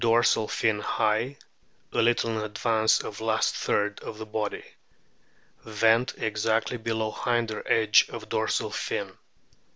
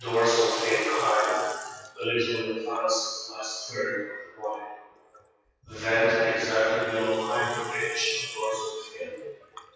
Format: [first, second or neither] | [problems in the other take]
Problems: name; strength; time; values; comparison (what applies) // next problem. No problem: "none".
first | noise reduction (classical method WPE with log-MMSE)